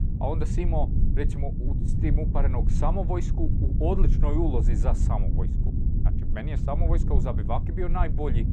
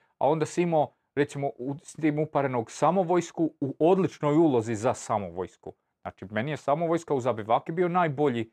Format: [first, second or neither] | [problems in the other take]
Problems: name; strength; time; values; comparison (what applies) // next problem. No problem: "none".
second | low rumble; loud; throughout; 7 dB below the speech